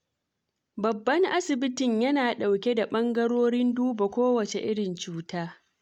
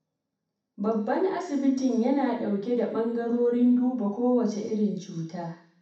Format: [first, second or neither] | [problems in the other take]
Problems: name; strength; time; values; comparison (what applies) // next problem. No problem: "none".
first | room echo; dies away in 0.7 s